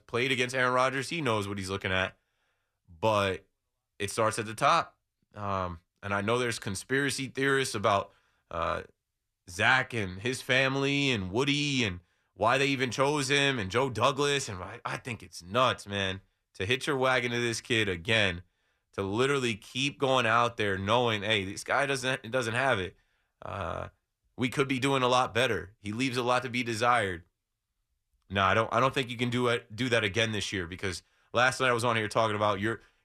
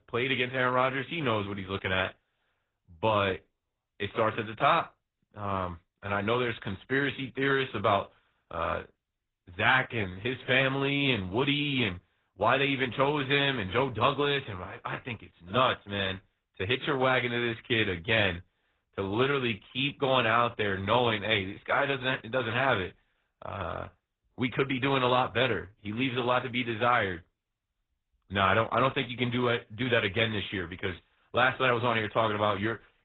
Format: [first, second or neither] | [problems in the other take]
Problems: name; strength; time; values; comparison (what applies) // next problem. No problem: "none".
first | garbled, watery; badly; nothing above 4 kHz